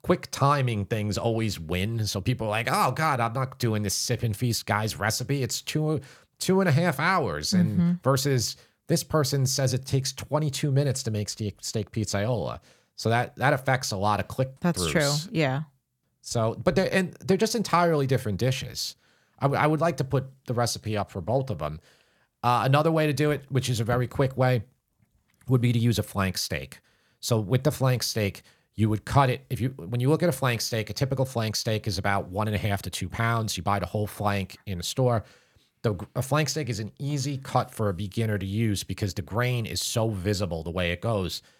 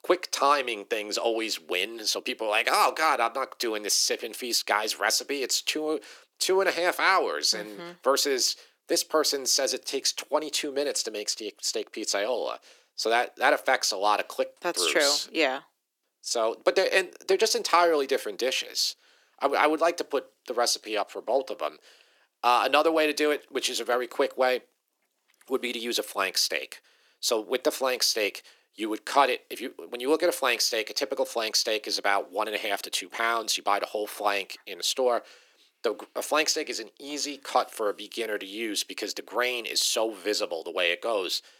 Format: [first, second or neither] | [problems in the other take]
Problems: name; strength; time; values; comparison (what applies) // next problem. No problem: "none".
first | thin; very; fading below 300 Hz